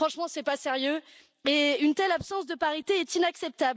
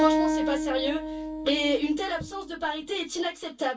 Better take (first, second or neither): first